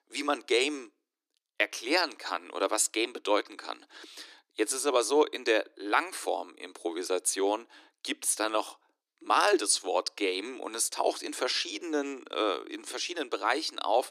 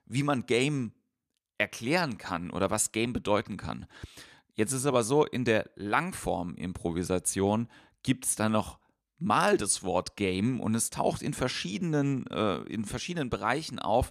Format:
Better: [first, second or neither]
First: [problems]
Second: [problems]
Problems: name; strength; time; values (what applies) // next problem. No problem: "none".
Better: second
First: thin; somewhat; fading below 300 Hz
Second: none